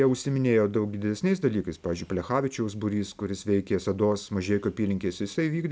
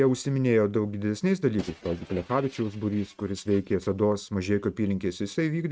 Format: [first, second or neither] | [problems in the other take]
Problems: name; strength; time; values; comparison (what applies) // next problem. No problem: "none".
first | noise reduction (neural mask model RNNoise)